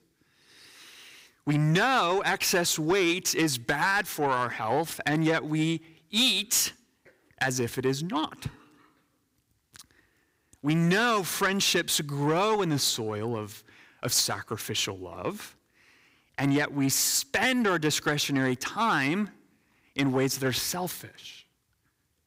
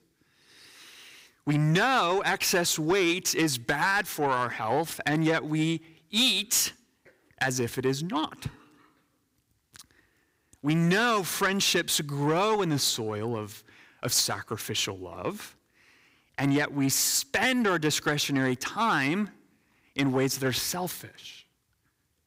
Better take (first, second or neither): neither